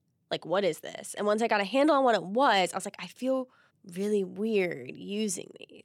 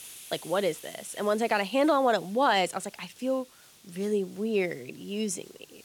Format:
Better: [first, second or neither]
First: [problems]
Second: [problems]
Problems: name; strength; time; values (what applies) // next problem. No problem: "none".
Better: first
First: none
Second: hiss; faint; throughout; 20 dB below the speech